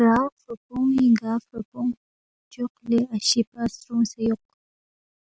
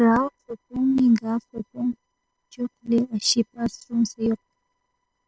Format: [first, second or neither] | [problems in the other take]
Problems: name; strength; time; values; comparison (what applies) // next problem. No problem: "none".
first | noise reduction (neural separator model SepFormer DNS4)